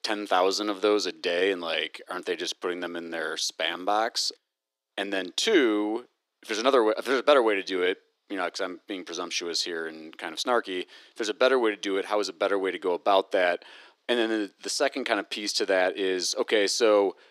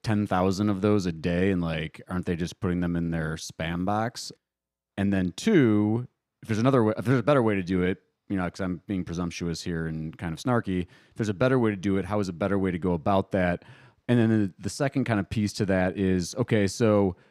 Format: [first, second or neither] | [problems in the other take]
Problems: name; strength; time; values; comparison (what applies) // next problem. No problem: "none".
second | thin; very; fading below 350 Hz